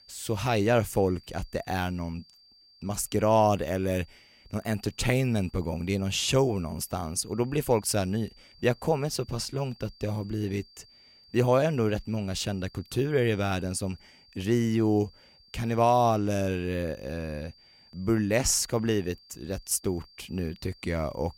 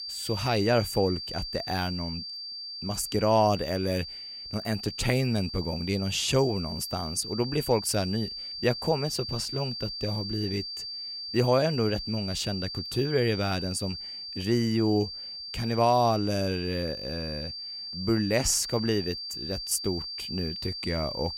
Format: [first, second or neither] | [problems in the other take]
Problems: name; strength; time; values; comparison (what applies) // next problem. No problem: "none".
first | high-pitched whine; loud; throughout; 4.5 kHz, 7 dB below the speech; faint in the first